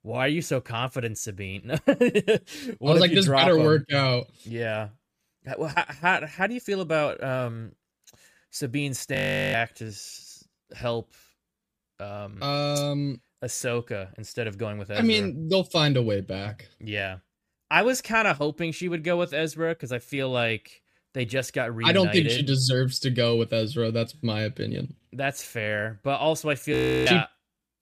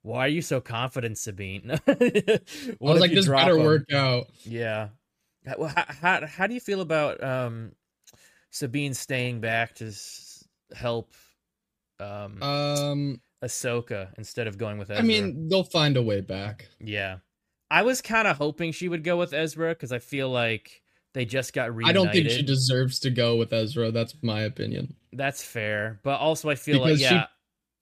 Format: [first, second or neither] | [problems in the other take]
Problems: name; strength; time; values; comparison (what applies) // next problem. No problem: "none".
second | audio freezing; at 9 s and at 27 s